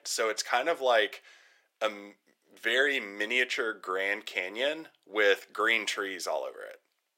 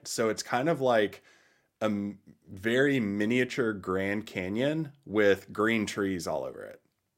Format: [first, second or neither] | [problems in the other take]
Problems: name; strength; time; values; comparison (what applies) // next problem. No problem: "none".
second | thin; very; fading below 500 Hz